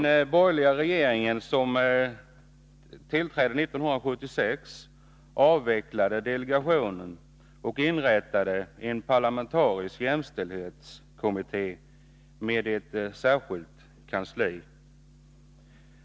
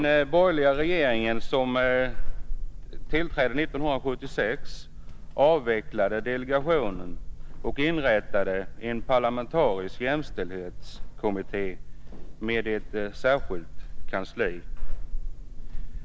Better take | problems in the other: first | background sound (Squeak / Walk, footsteps); 2 dB below the speech

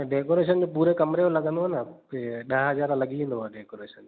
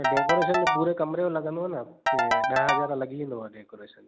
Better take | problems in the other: first | background sound (Ringtone / Keyboard (musical)); 2 dB above the speech

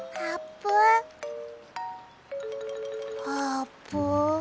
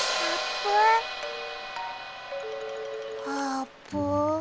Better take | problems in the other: first | background sound (Hi-hat); 6 dB below the speech

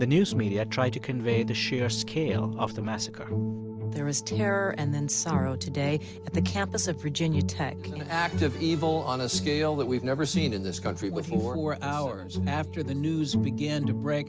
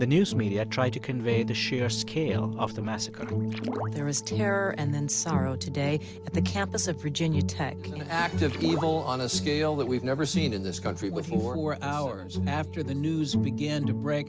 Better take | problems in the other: first | background sound (Water / Splash, splatter); 13 dB below the speech

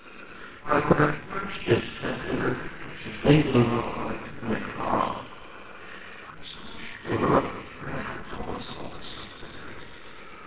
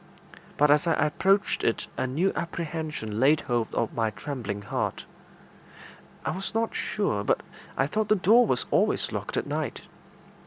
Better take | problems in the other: second | noise reduction (neural separator model SepFormer WHAMR!)

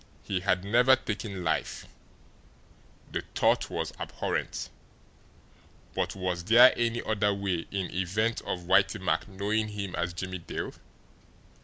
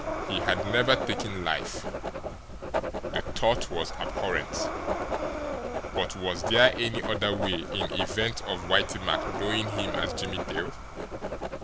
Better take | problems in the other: first | background sound (Writing + Breathing); 2 dB below the speech

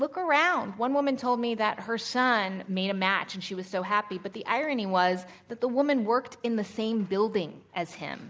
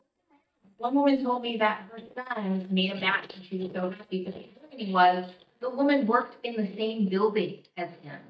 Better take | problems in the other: first | noise reduction (neural mask model DeepFilterNet 3)

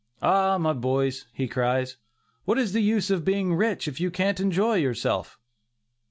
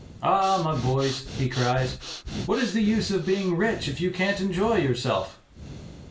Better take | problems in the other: first | background sound (Breathing); 13 dB below the speech // room echo; dies away in 0.3 s

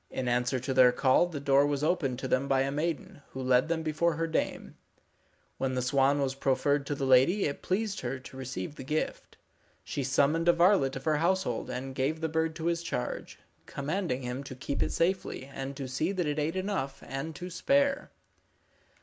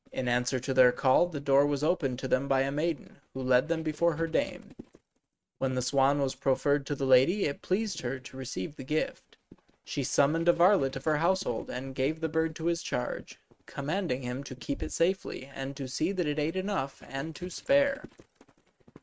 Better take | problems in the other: first | noise reduction (neural mask model RNNoise)

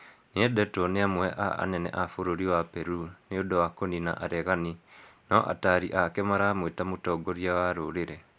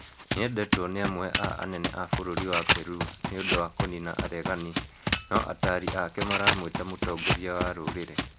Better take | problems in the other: first | background sound (Run + Camera); 1 dB above the speech

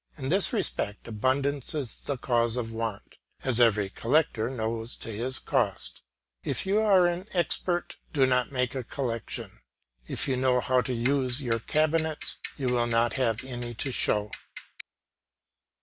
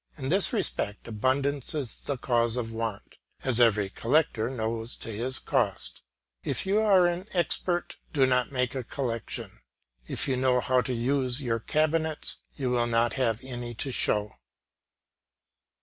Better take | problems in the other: second | background sound (Clock); 14 dB below the speech

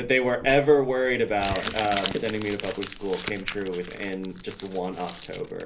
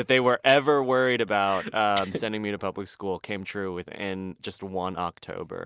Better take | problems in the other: second | background sound (Crumpling, crinkling); 12 dB below the speech // room echo; dies away in 0.3 s

